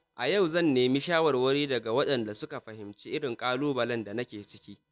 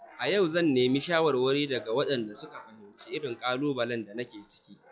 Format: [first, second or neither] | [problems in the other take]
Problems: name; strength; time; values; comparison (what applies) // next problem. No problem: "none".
first | noise reduction (classical method log-MMSE)